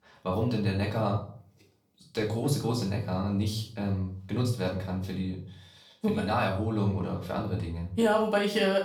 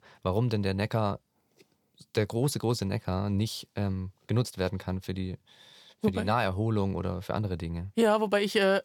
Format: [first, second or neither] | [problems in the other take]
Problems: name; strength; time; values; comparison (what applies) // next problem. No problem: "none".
second | off-mic speech; far // room echo; slight; dies away in 0.4 s